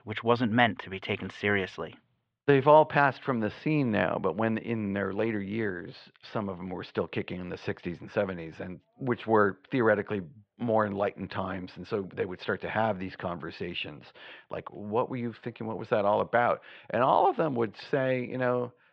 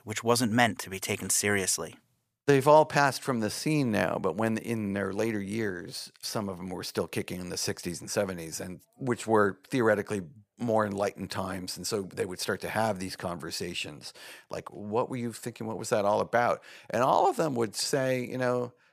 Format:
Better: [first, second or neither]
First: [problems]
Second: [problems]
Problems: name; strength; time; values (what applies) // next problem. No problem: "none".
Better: second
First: muffled; very; fading above 3.5 kHz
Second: none